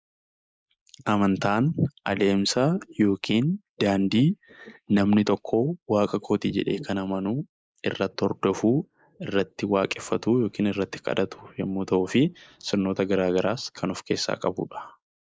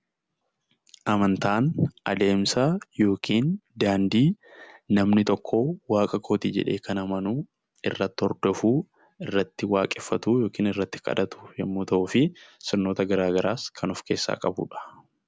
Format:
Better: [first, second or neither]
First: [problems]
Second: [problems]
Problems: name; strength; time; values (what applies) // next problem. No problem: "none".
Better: second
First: noise reduction (neural mask model Resemble Enhance denoiser)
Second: none